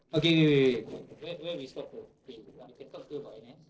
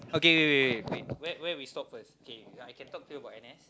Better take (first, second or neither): second